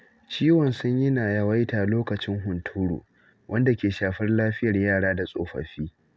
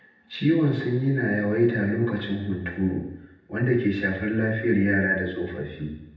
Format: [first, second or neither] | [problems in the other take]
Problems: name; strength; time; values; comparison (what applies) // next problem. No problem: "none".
first | room echo; dies away in 0.9 s